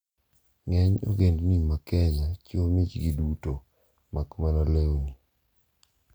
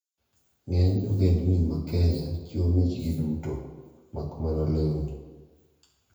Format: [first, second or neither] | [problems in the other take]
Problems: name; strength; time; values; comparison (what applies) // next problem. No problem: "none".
first | room echo; dies away in 0.9 s